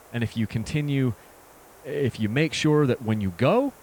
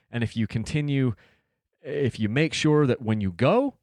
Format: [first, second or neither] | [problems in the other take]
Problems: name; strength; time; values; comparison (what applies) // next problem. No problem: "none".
second | hiss; faint; throughout; 25 dB below the speech